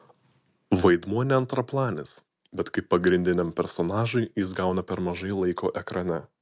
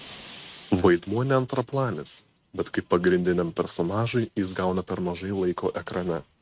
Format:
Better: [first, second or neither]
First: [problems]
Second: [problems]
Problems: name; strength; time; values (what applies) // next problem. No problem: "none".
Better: first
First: none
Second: noise reduction (neural mask model RNNoise)